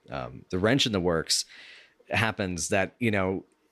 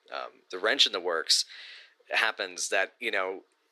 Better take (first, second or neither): first